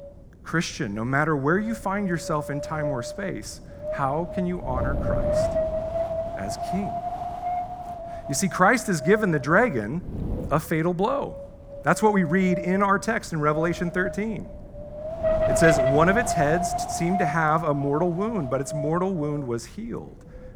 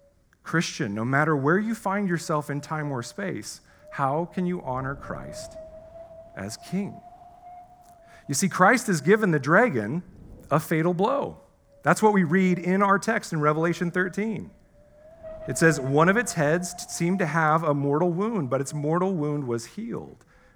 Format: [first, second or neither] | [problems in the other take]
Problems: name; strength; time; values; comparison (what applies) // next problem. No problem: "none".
second | wind noise on the microphone; heavy; 4 dB below the speech; occasional gusts in the second